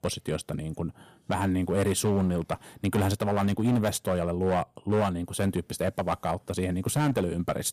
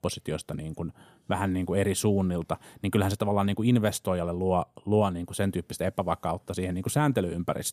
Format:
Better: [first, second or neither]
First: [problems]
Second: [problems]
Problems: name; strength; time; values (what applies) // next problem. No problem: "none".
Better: second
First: distortion; slight; 6% of the sound clipped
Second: none